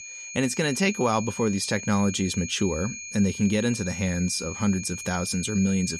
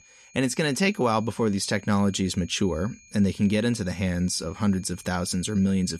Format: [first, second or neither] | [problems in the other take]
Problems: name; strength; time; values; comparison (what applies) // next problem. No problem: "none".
second | high-pitched whine; loud; throughout; 2.5 kHz, 9 dB below the speech; faint in the second